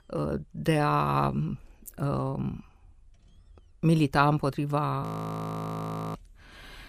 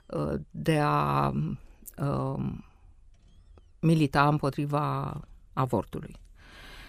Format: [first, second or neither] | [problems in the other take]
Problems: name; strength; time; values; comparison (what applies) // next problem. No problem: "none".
second | audio freezing; at 5 s for 1 s